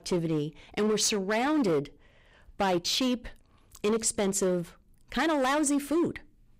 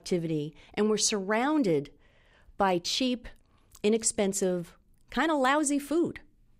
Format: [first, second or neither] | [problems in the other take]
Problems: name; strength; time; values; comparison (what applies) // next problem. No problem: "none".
second | distortion; slight; 11% of the sound clipped